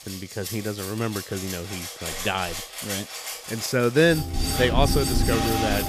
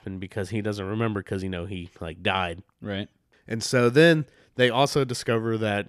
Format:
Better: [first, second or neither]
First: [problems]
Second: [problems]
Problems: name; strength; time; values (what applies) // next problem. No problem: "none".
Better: second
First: background music; loud; throughout; 3 dB below the speech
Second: none